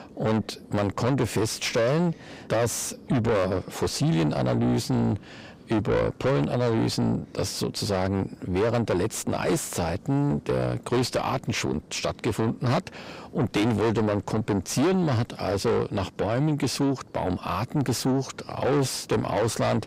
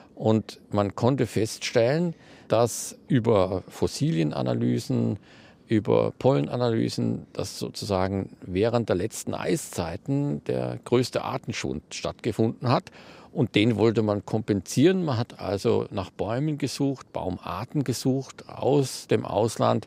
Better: second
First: distortion; heavy; 6 dB below the speech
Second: none

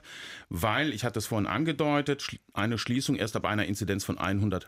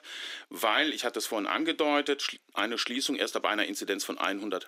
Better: first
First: none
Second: thin; somewhat; fading below 300 Hz

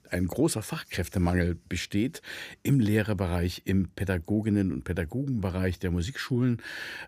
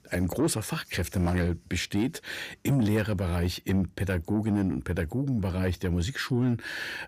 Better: first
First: none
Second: distortion; slight; 10 dB below the speech

